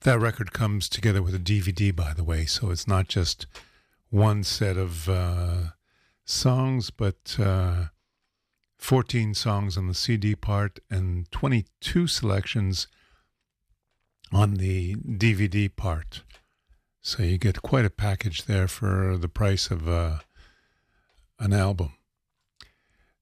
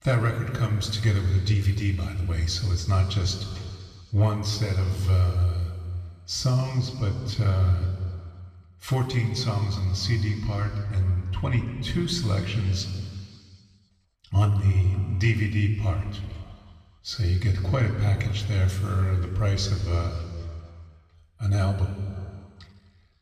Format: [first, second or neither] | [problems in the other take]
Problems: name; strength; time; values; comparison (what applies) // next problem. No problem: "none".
first | room echo; noticeable; dies away in 2.2 s // off-mic speech; somewhat distant